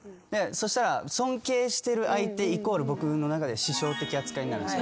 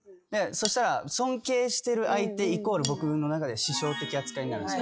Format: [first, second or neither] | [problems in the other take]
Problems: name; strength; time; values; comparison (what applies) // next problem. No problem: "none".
first | noise reduction (classical method log-MMSE)